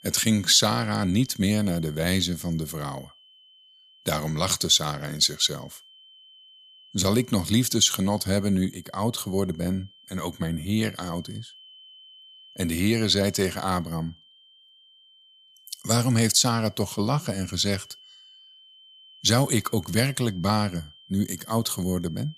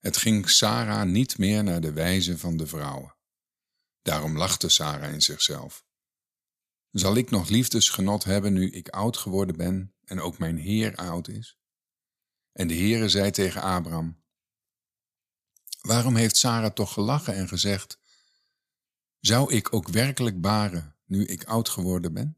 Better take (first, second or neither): second